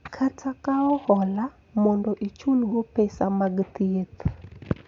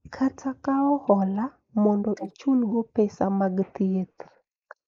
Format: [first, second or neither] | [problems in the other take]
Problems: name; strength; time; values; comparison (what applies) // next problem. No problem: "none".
first | noise reduction (neural mask model Resemble Enhance denoiser)